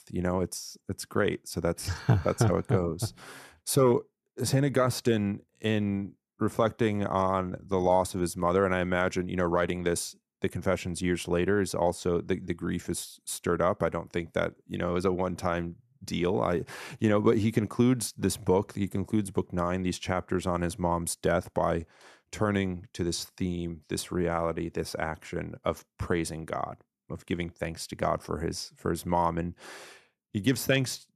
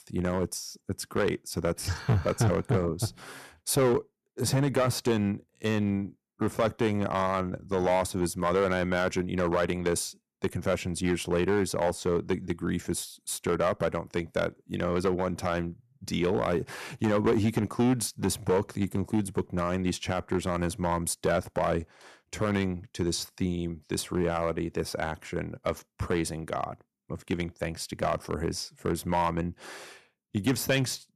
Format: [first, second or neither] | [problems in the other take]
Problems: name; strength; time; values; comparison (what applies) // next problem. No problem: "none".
first | distortion; slight; 4% of the sound clipped